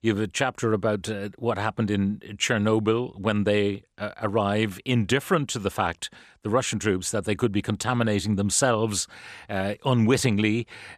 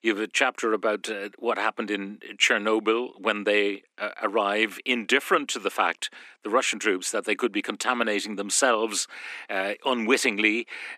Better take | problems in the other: first | thin; somewhat; fading below 250 Hz

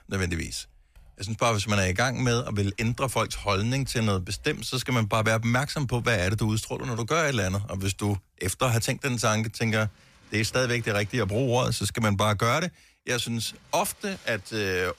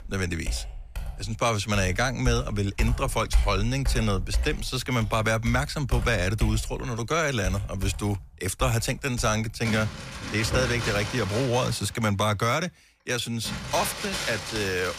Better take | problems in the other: first | household noises; loud; throughout; 7 dB below the speech; faint in the first

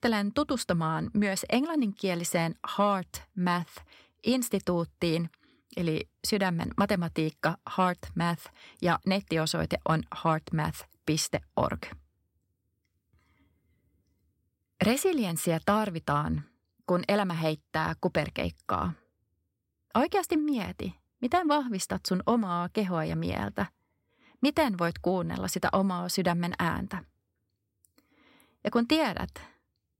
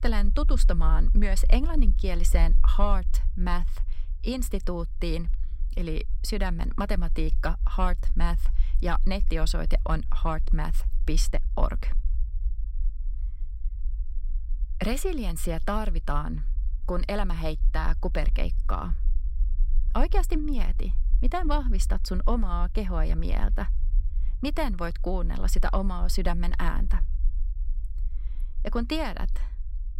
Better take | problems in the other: first | low rumble; faint; throughout; 20 dB below the speech

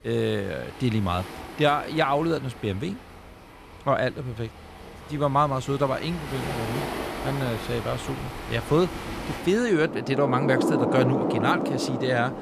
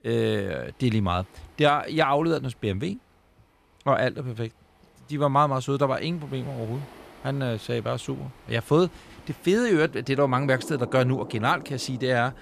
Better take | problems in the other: second | rain or running water; loud; throughout; 4 dB below the speech; faint in the second

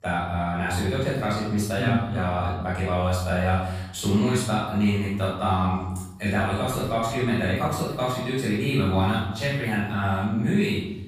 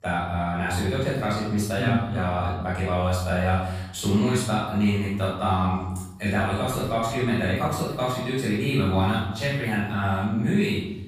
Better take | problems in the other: neither | off-mic speech; far; the same in both // room echo; strong; dies away in 0.9 s; the same in both

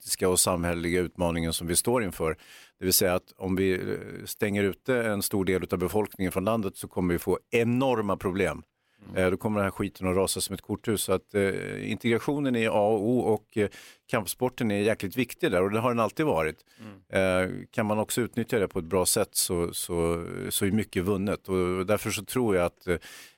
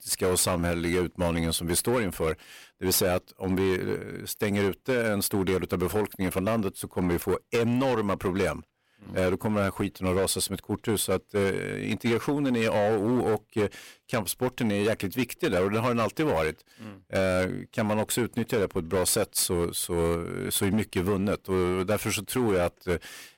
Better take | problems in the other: first | distortion; slight; 11% of the sound clipped

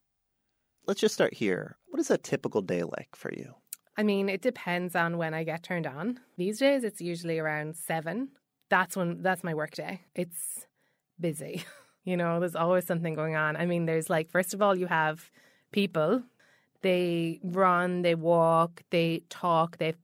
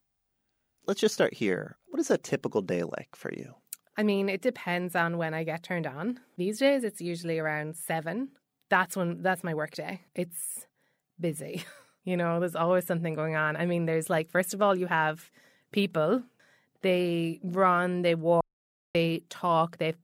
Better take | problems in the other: first | audio cutting out; at 18 s for 0.5 s

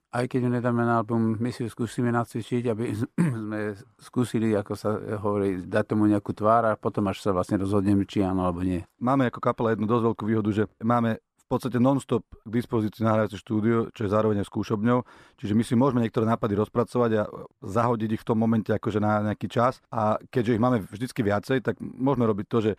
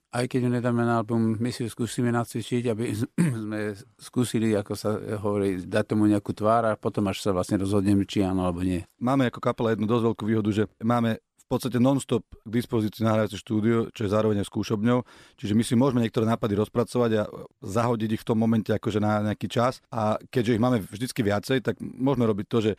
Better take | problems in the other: second | muffled; very slightly; fading above 2.5 kHz

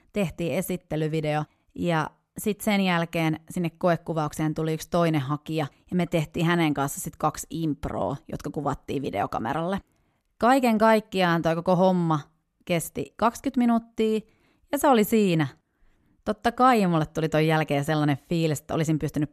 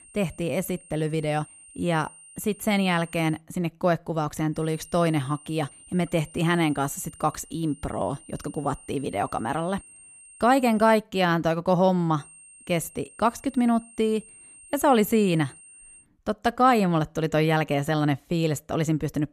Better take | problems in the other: first | high-pitched whine; faint; until 3.5 s, from 4.5 to 11 s and from 12 to 16 s; 9 kHz, 20 dB below the speech

